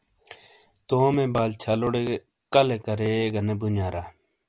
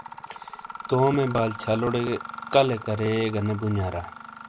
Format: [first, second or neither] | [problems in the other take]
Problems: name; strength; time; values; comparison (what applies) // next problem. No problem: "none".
first | background sound (Mechanisms); 13 dB below the speech